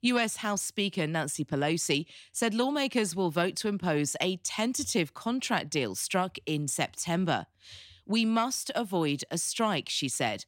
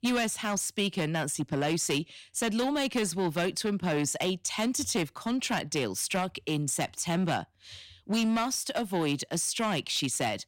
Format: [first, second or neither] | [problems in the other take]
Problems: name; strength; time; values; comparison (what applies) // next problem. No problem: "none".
first | distortion; slight; 9% of the sound clipped